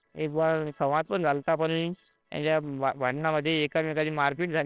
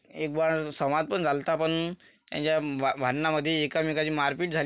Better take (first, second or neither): second